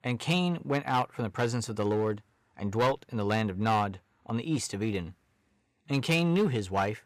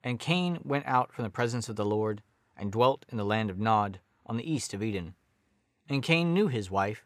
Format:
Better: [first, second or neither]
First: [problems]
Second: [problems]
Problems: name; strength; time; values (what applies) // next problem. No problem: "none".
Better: second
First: distortion; slight; 4% of the sound clipped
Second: none